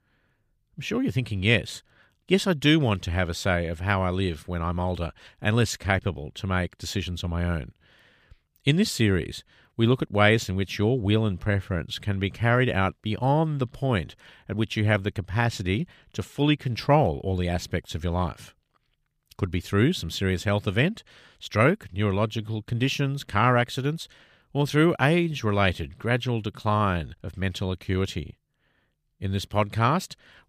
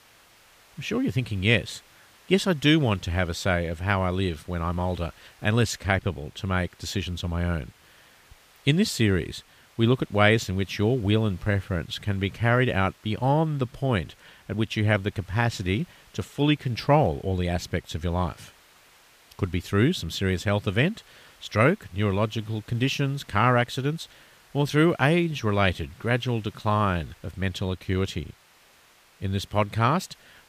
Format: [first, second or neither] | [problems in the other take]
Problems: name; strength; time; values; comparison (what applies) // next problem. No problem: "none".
first | hiss; faint; throughout; 30 dB below the speech